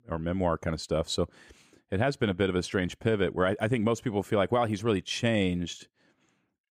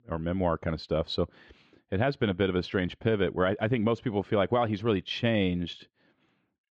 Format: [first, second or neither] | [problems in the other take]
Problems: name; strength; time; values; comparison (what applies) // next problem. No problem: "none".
first | muffled; very slightly; fading above 4 kHz